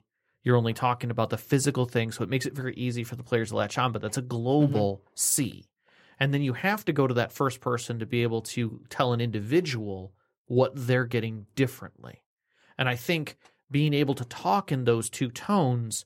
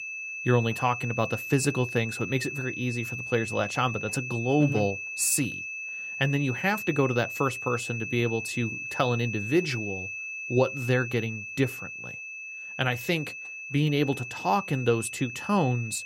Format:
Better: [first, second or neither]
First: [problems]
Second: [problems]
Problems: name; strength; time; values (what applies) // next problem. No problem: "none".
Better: first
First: none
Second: high-pitched whine; loud; throughout; 2.5 kHz, 6 dB below the speech